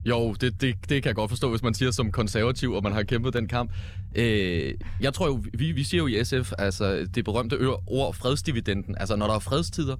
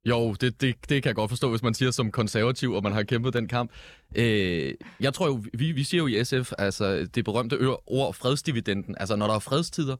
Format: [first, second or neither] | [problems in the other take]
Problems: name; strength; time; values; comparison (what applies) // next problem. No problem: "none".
second | low rumble; faint; throughout; 25 dB below the speech